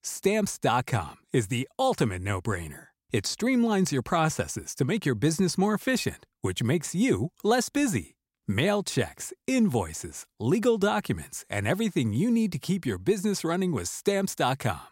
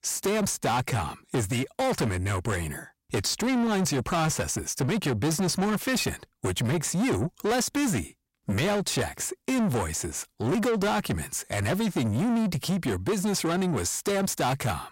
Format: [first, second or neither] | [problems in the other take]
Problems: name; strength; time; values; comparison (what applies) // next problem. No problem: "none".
first | distortion; heavy; 7 dB below the speech